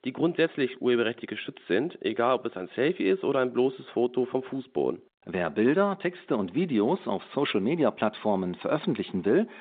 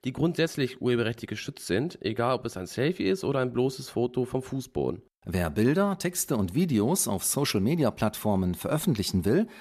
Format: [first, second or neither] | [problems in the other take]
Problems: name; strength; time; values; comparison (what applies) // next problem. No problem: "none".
second | phone-call audio; nothing above 4 kHz